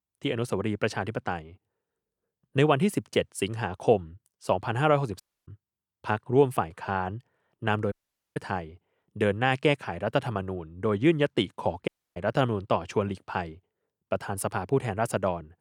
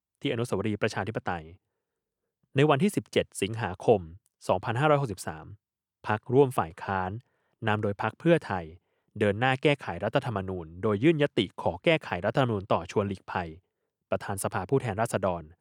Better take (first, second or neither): second